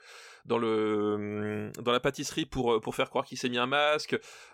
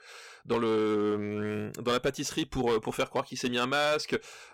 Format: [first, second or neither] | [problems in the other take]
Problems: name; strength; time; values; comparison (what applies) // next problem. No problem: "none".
first | distortion; slight; 6% of the sound clipped